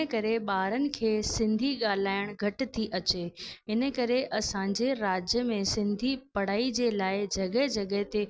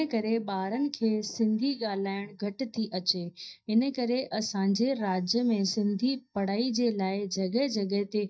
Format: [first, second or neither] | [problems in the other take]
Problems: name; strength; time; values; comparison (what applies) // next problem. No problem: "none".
first | noise reduction (neural mask model DeepFilterNet 3)